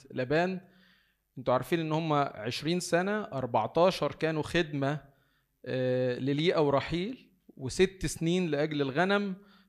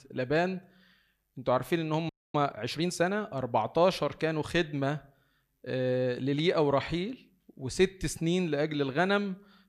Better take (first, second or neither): first